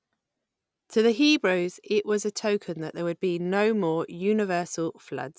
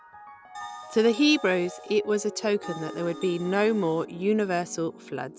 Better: first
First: none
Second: background sound (Piano + Bell); 15 dB below the speech

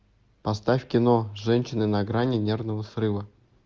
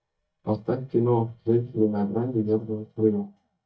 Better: first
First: none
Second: noise reduction (neural mask model DeepFilterNet 3)

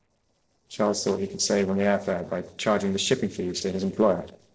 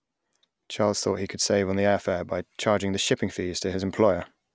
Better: second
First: noise reduction (neural separator model SepFormer DNS4)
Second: none

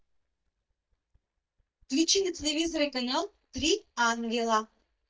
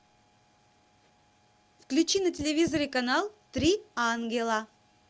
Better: second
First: noise reduction (neural mask model DeepFilterNet 3)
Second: none

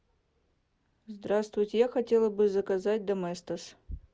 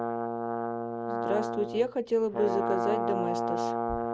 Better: first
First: none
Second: background sound (Brass instrument); 1 dB above the speech

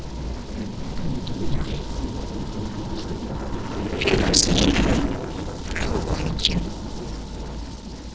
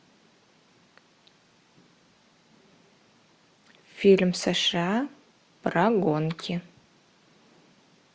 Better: second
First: noise reduction (neural separator model SepFormer DNS4)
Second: none

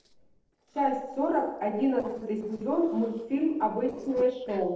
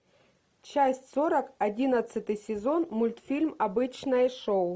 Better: second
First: noise reduction (neural separator model SepFormer DNS4)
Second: none

